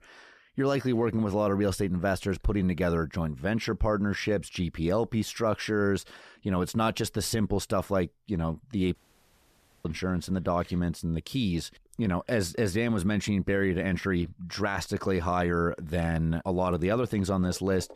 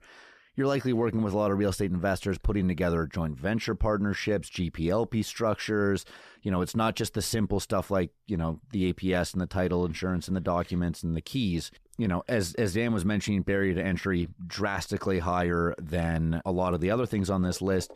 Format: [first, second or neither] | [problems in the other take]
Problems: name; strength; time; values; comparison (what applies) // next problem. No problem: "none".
second | audio cutting out; at 9 s for 1 s